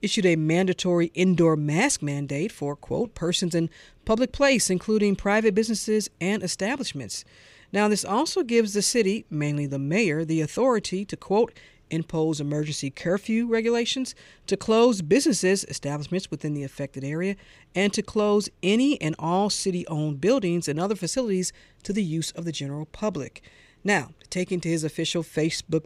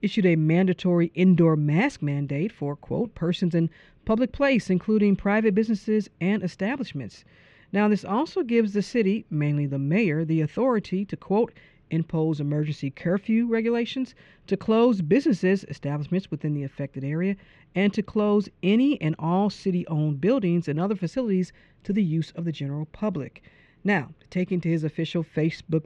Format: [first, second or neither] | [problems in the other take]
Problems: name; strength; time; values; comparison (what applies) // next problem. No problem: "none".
first | muffled; slightly; fading above 2.5 kHz